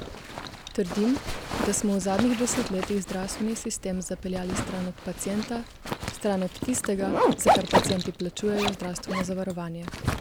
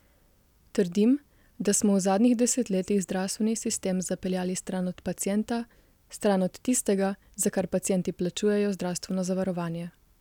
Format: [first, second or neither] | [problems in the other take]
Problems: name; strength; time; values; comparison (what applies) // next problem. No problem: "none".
second | background sound (Zipper (clothing)); 1 dB below the speech